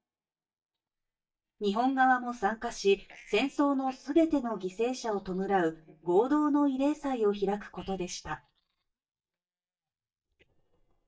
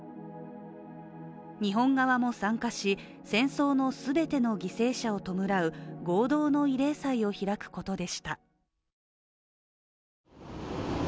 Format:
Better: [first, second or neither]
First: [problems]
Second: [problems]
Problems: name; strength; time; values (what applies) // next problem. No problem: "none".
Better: second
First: noise reduction (neural mask model DeepFilterNet 3)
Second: none